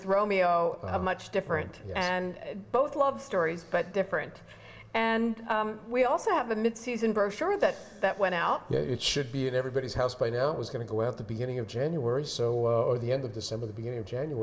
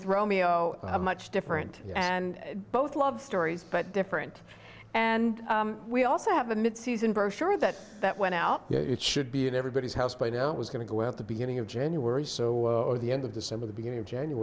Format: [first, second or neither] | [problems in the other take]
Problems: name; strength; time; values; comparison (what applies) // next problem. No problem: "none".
second | room echo; dies away in 0.6 s